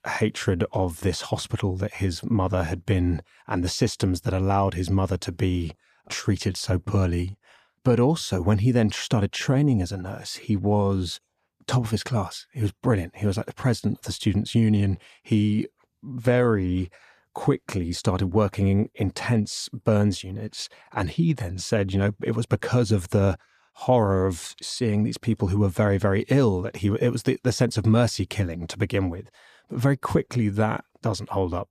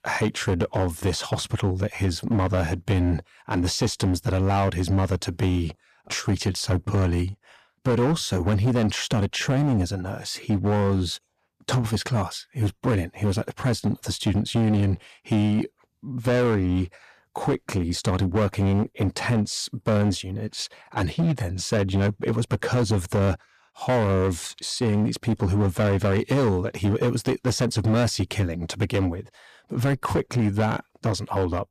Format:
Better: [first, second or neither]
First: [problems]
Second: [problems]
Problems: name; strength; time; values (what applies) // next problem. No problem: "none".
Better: first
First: none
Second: distortion; slight; 13% of the sound clipped